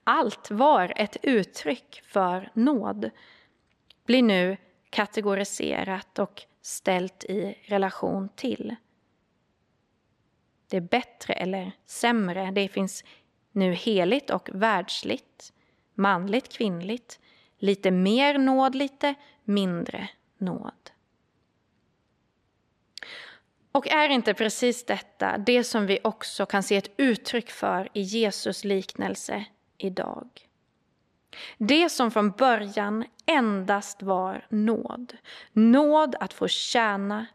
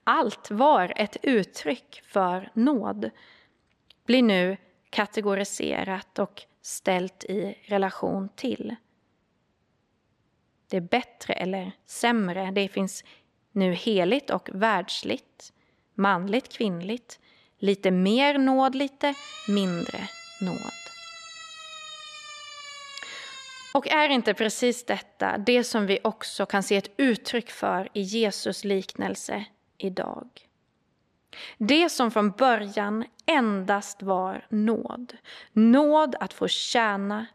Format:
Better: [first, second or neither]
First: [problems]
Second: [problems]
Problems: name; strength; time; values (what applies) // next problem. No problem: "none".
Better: first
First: none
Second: siren; faint; from 19 to 24 s; peak 15 dB below the speech